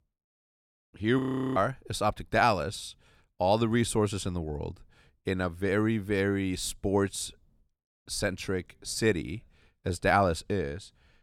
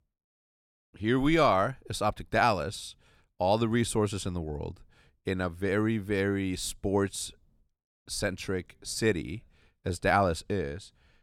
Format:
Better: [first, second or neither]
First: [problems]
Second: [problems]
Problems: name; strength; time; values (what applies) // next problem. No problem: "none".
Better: second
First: audio freezing; at 1 s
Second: none